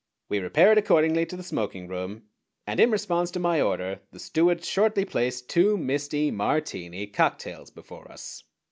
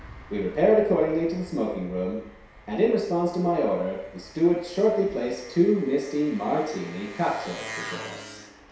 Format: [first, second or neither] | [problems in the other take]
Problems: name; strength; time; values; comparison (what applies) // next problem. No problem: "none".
first | background sound (Engine); 18 dB below the speech // room echo; dies away in 0.7 s